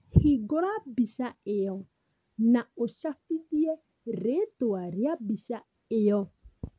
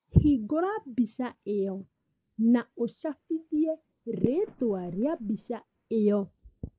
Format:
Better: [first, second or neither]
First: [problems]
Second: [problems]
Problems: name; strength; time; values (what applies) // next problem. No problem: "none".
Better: first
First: none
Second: noise reduction (neural mask model Resemble Enhance denoiser)